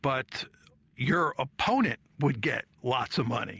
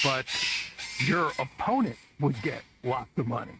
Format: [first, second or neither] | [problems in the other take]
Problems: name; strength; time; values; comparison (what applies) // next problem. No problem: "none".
first | noise reduction (neural mask model RNNoise)